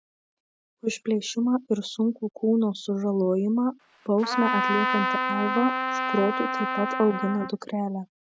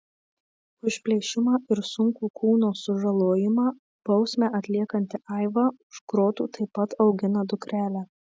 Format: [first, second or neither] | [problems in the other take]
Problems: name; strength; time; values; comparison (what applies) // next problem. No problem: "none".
second | noise reduction (neural mask model RNNoise)